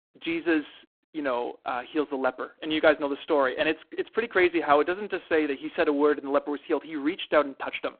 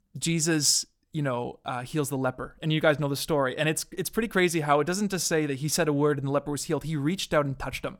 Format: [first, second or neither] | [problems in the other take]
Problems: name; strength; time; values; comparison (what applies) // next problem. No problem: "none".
second | phone-call audio; poor line